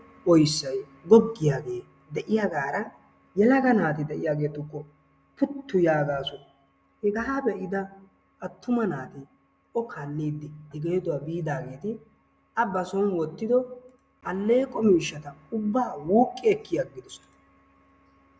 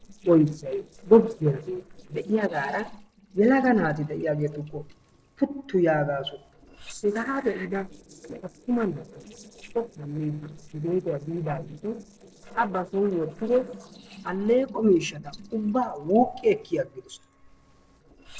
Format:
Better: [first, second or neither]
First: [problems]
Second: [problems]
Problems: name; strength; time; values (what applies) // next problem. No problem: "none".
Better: first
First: none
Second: noise reduction (neural separator model SepFormer DNS4)